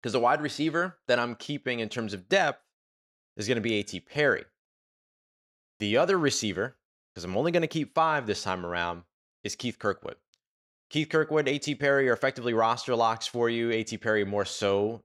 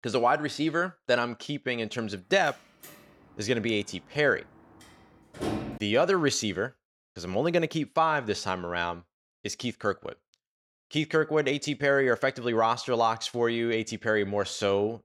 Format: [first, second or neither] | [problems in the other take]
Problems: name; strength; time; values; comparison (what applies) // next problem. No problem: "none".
first | door banging; noticeable; from 3 to 6 s; peak 5 dB below the speech